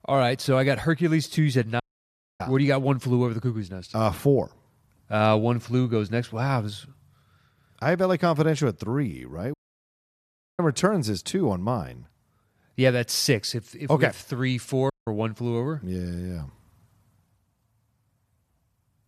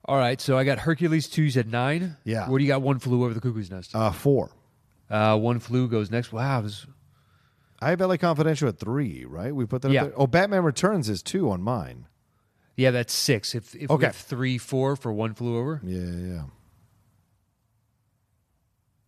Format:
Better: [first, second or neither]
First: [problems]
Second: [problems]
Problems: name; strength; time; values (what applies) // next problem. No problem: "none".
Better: second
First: audio cutting out; at 2 s for 0.5 s, at 9.5 s for 1 s and at 15 s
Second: none